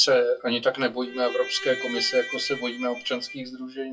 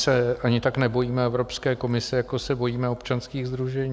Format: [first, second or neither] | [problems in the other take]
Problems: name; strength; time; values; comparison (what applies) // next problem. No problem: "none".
second | noise reduction (classical method WPE with log-MMSE)